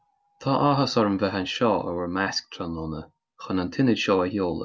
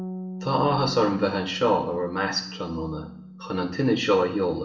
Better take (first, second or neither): first